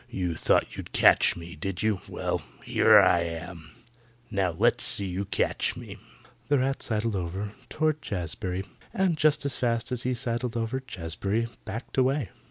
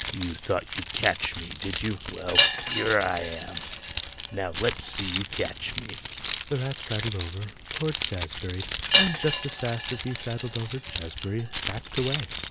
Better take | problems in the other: first | background sound (Wind chime + Keys jangling); as loud as the speech

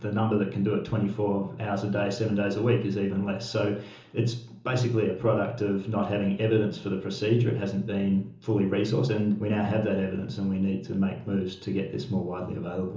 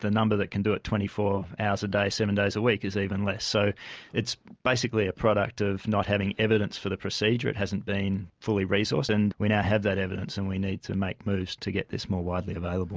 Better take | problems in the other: second | room echo; dies away in 0.6 s

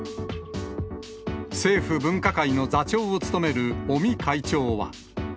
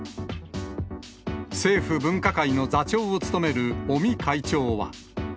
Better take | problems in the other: second | background sound (Chink, clink); 19 dB below the speech

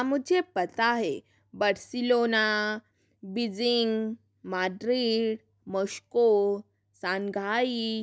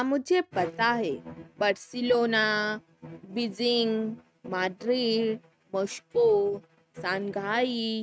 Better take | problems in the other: first | noise reduction (neural mask model RNNoise)

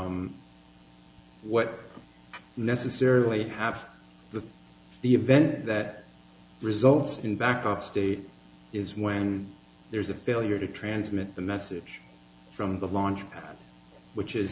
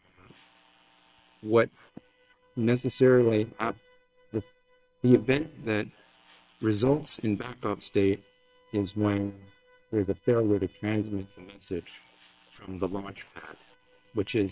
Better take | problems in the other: first | noise reduction (neural separator model SepFormer WHAM!)

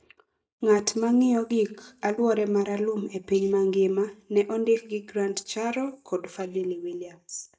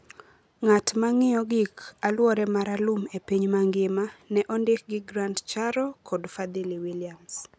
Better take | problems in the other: second | noise reduction (neural mask model DeepFilterNet 3)

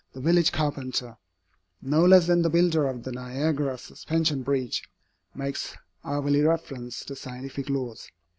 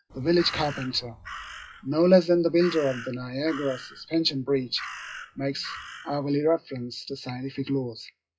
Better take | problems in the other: first | noise reduction (classical method WPE with log-MMSE)

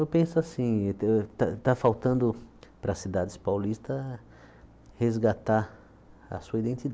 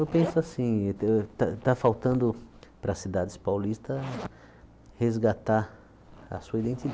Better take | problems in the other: first | background sound (Zipper (clothing)); 17 dB below the speech

